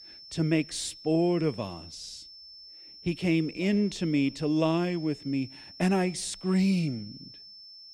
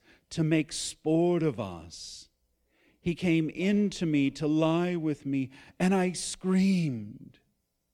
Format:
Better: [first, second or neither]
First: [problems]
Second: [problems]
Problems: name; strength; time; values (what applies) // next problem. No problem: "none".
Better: second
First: high-pitched whine; noticeable; throughout; 5.5 kHz, 15 dB below the speech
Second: none